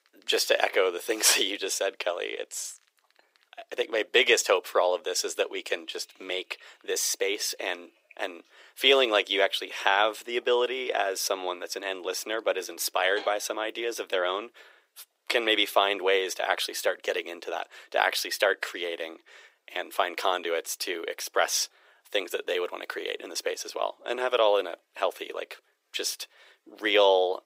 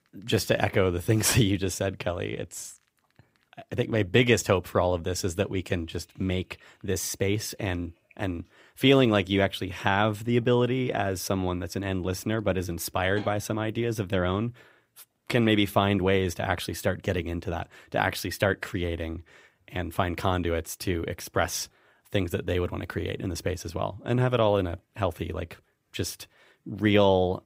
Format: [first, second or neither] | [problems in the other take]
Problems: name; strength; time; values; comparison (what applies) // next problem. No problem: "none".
second | thin; very; fading below 400 Hz